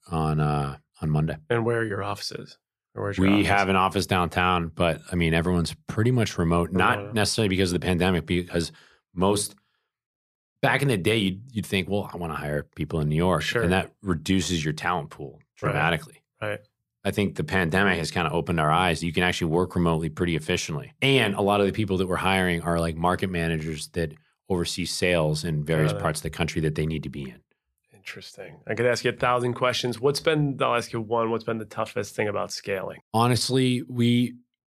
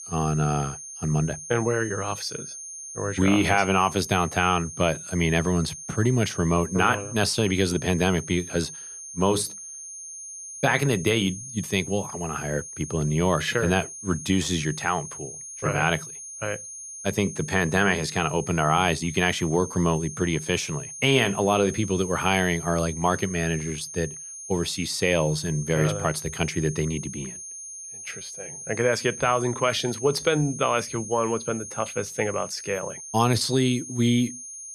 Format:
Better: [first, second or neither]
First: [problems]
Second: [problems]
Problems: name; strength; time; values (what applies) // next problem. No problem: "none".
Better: first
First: none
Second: high-pitched whine; noticeable; throughout; 6.5 kHz, 10 dB below the speech